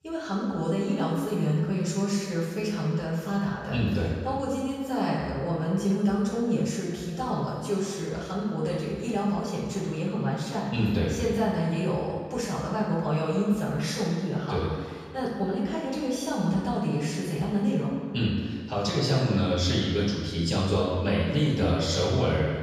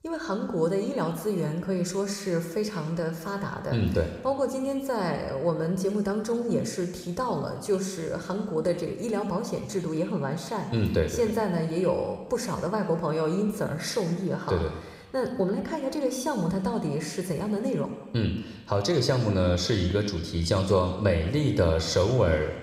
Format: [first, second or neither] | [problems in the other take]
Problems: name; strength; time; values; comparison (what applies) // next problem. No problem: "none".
second | room echo; strong; dies away in 1.7 s; slight in the second // off-mic speech; far